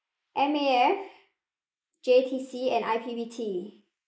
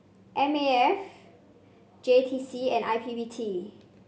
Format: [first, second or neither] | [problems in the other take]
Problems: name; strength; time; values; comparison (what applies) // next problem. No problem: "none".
second | noise reduction (neural mask model Resemble Enhance denoiser)